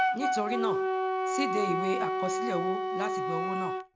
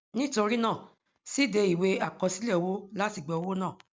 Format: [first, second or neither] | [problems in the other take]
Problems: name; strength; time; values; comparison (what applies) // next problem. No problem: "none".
second | background sound (Wind instrument, woodwind instrument); 5 dB above the speech